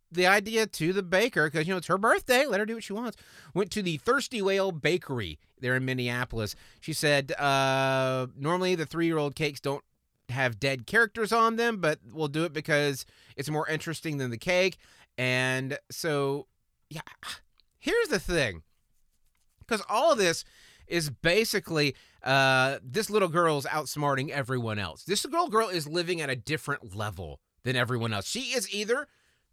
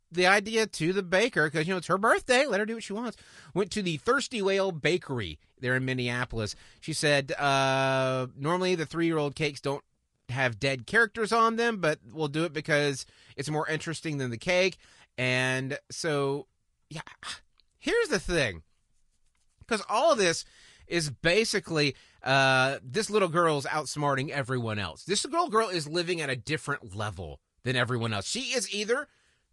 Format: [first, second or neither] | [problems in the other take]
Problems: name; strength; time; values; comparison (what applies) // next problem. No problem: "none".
first | garbled, watery; slightly; nothing above 10.5 kHz